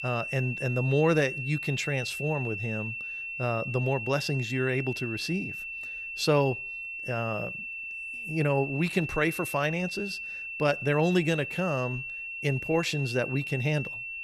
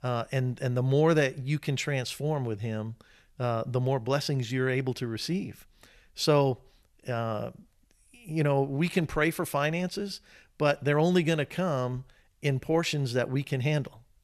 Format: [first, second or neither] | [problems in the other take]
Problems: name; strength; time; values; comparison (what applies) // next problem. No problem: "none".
second | high-pitched whine; loud; throughout; 2.5 kHz, 5 dB below the speech